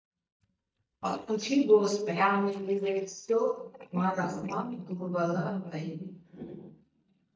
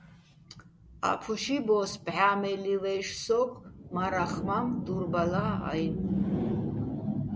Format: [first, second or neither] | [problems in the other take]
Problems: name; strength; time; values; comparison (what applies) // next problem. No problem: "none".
second | noise reduction (neural mask model DeepFilterNet 3)